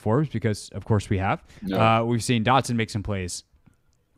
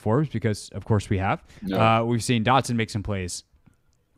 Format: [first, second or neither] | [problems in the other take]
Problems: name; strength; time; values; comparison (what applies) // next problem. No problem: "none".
neither | none